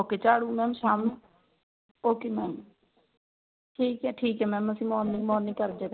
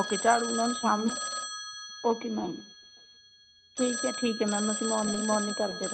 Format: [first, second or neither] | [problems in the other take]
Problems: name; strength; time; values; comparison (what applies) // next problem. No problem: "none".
first | background sound (Telephone); 5 dB below the speech